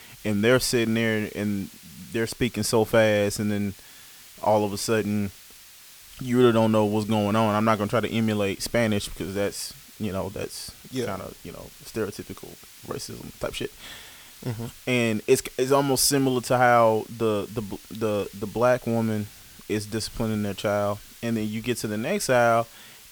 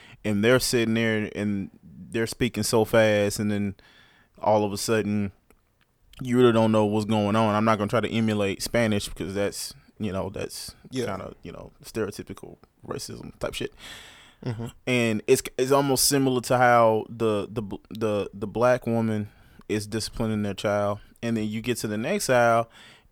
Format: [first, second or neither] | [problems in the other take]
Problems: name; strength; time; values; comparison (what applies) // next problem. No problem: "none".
second | hiss; faint; throughout; 20 dB below the speech